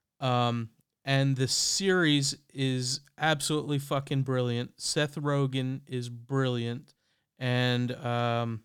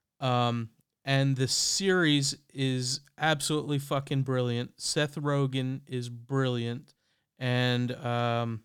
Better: neither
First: none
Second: none

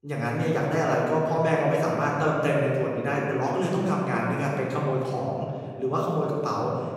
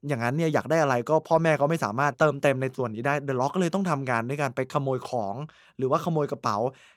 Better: second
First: off-mic speech; far // room echo; noticeable; dies away in 2.4 s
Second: none

